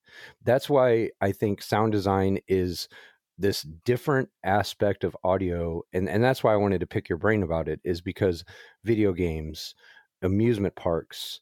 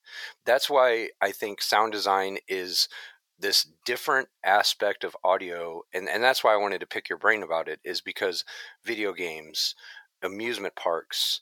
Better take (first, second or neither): first